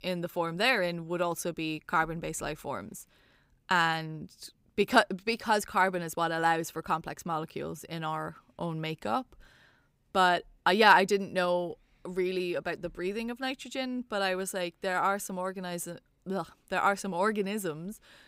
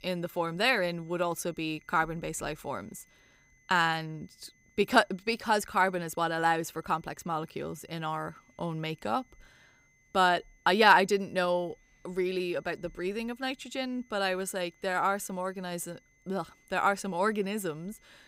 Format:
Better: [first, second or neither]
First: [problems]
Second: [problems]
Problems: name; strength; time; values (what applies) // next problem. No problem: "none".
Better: first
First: none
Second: high-pitched whine; faint; throughout; 2 kHz, 35 dB below the speech